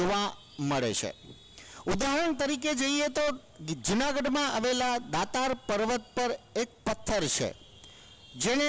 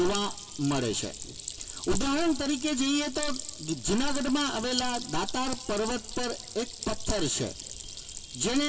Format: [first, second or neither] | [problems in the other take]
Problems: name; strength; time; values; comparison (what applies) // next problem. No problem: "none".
first | background sound (Stream); 10 dB below the speech // room echo; dies away in 2.5 s